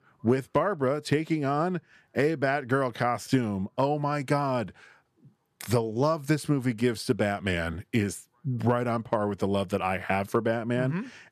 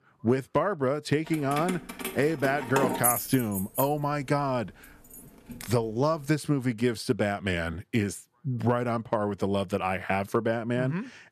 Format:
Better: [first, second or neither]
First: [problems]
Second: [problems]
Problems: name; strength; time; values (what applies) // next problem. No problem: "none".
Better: first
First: none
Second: jangling keys; loud; from 1.5 to 5.5 s; peak 3 dB above the speech